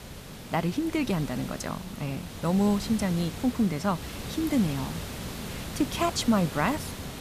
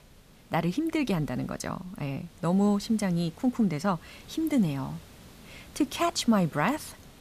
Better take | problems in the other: second | hiss; loud; throughout; 9 dB below the speech; faint in the second

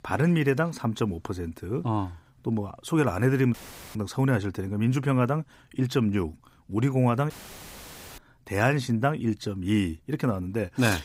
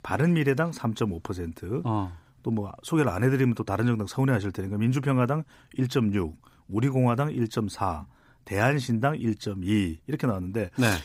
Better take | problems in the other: second | audio cutting out; filled with static; at 3.5 s and at 7.5 s for 1 s

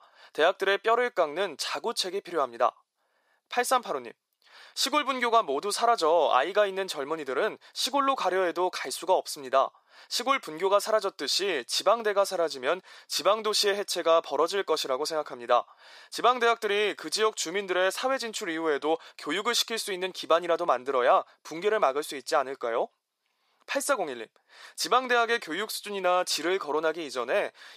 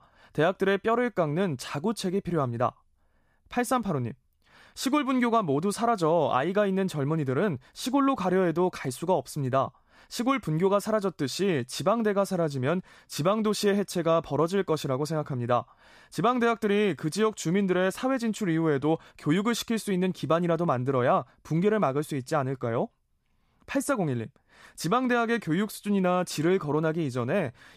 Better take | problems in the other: second | thin; very; fading below 450 Hz

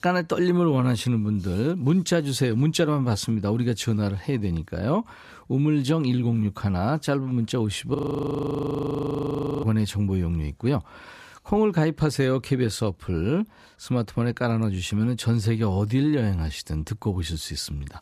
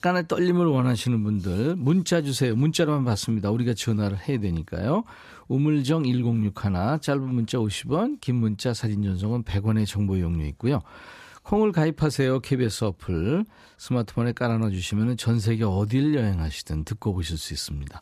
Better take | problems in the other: second | audio freezing; at 8 s for 1.5 s

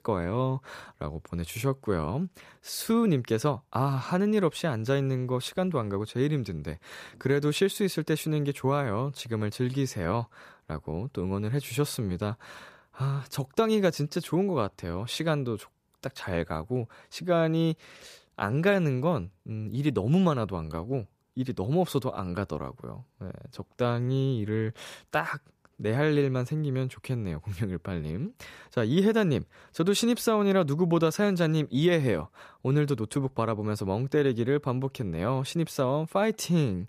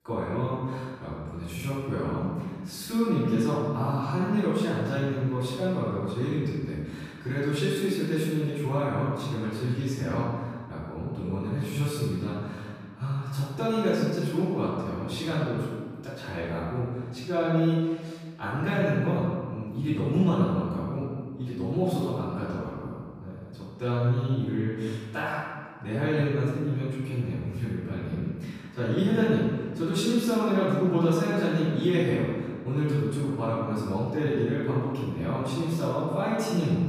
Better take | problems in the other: first | off-mic speech; far // room echo; strong; dies away in 1.5 s

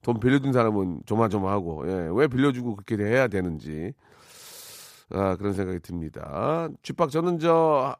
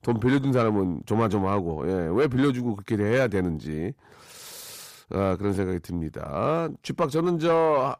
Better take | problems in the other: first | distortion; slight; 10 dB below the speech

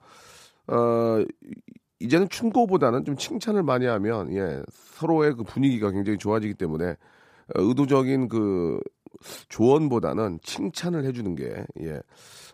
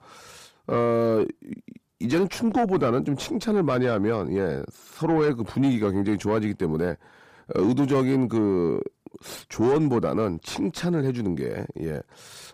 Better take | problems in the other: first | distortion; slight; 10 dB below the speech

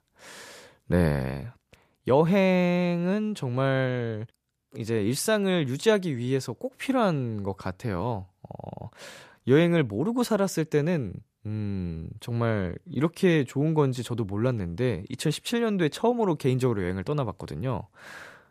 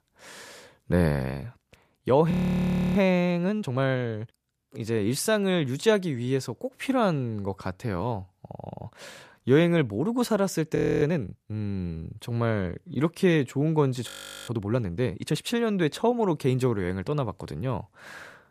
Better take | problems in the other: first | audio freezing; at 2.5 s for 0.5 s, at 11 s and at 14 s

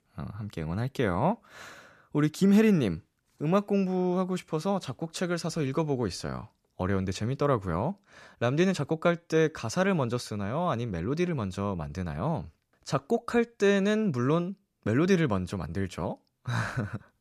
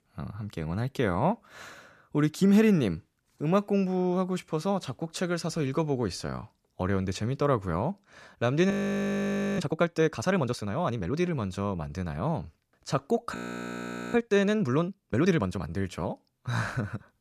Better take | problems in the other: first | audio freezing; at 8.5 s for 1 s and at 13 s for 1 s

